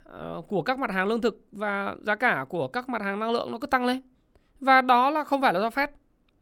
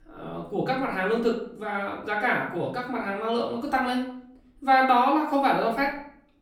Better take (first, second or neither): first